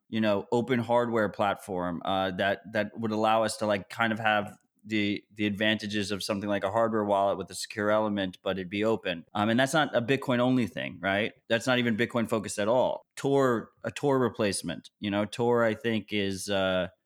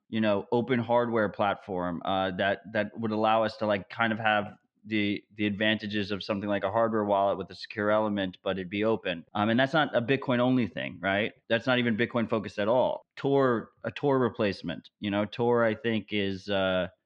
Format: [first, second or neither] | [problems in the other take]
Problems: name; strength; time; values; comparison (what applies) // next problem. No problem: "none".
first | muffled; very slightly; fading above 4 kHz